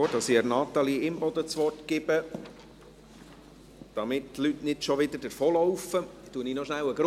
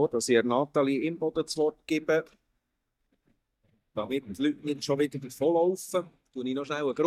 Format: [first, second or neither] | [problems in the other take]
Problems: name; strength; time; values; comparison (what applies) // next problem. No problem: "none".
first | noise reduction (neural mask model DeepFilterNet 3)